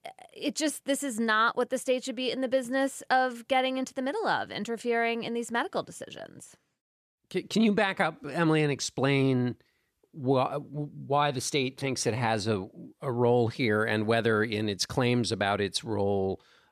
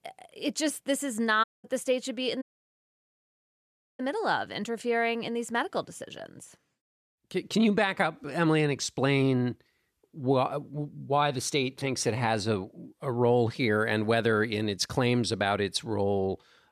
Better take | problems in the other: first | audio cutting out; at 1.5 s and at 2.5 s for 1.5 s

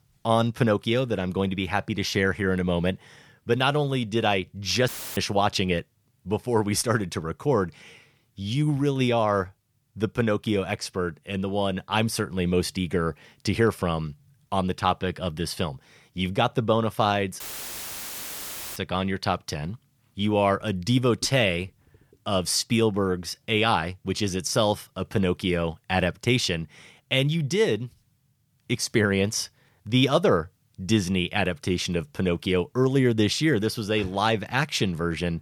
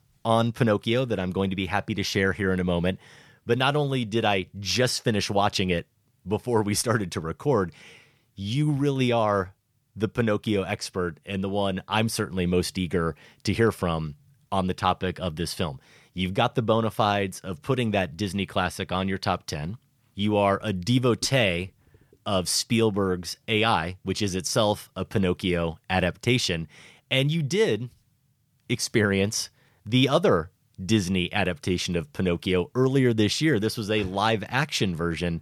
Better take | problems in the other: second | audio cutting out; filled with static; at 5 s and at 17 s for 1.5 s

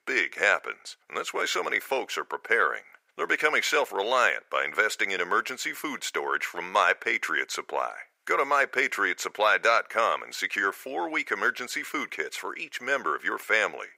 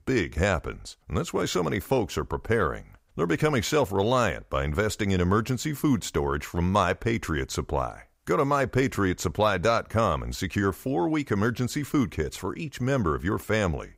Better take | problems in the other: second | thin; very; fading below 450 Hz

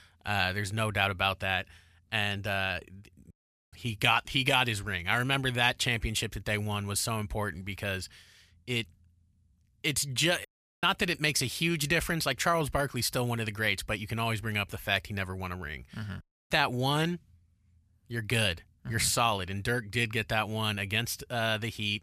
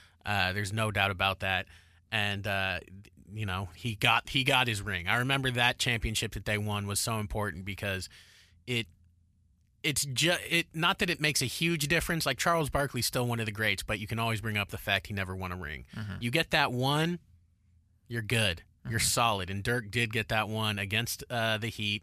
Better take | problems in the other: second | audio cutting out; at 3.5 s, at 10 s and at 16 s

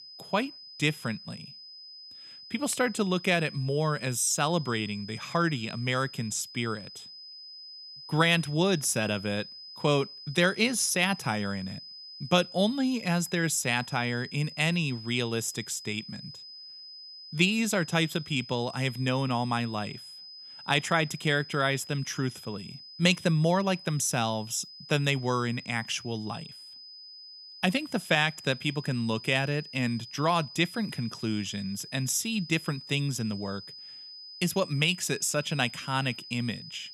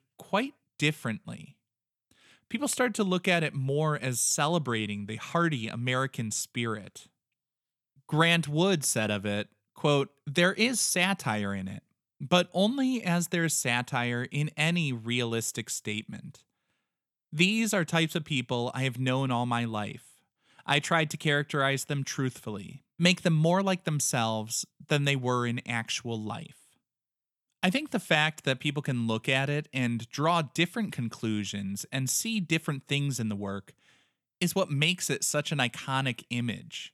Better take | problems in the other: second | high-pitched whine; noticeable; throughout; 5 kHz, 15 dB below the speech

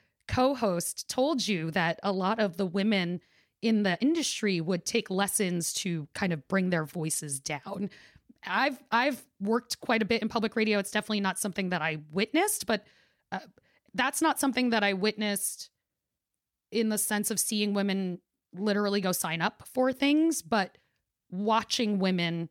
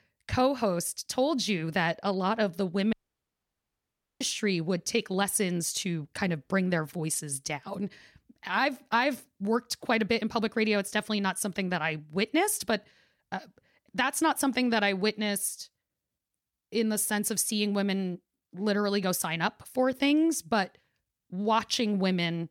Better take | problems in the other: first | audio cutting out; at 3 s for 1.5 s

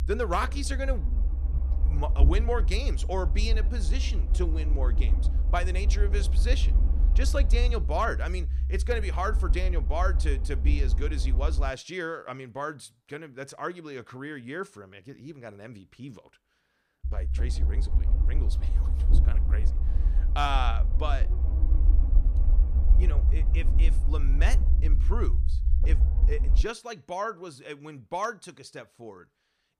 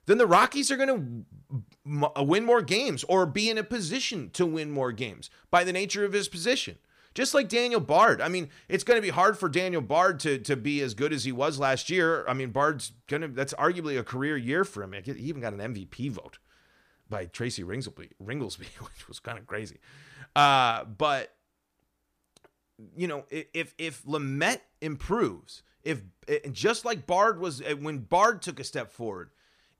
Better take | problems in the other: second | low rumble; noticeable; until 12 s and from 17 to 27 s; 15 dB below the speech

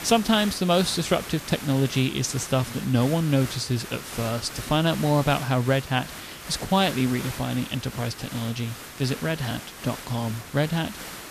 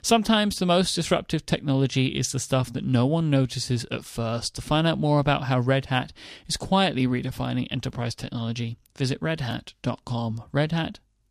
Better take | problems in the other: second | hiss; noticeable; throughout; 10 dB below the speech

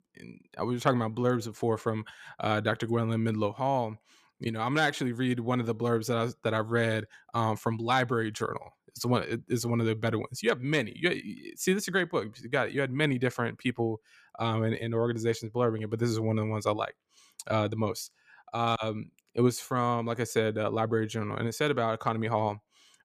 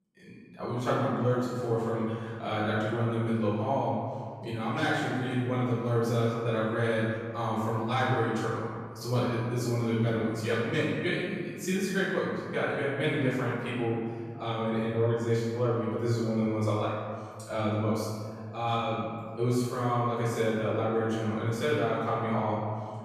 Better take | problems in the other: first | off-mic speech; far // room echo; strong; dies away in 1.9 s

